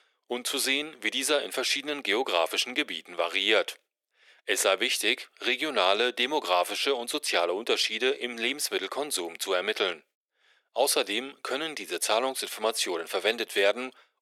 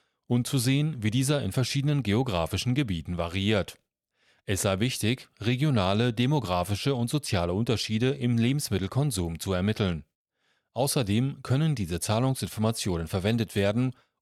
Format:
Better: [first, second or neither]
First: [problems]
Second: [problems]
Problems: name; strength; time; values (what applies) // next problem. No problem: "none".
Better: second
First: thin; very; fading below 350 Hz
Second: none